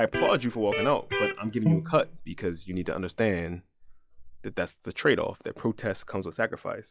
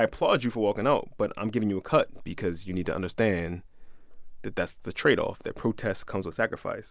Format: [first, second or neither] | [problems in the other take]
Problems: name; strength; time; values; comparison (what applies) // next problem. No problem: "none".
second | noise reduction (classical method log-MMSE)